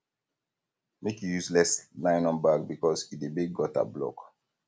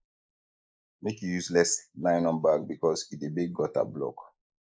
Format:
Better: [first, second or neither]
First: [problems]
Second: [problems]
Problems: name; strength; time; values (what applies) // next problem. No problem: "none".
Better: first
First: none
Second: noise reduction (neural mask model Resemble Enhance denoiser)